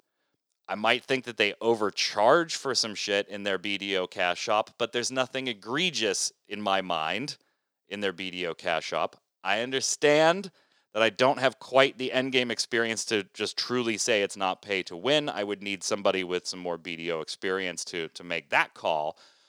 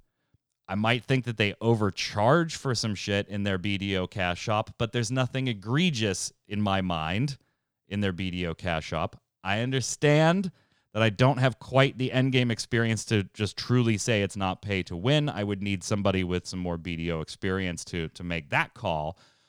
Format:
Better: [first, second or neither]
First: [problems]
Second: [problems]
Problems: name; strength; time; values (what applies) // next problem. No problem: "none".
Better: second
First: thin; somewhat; fading below 400 Hz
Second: none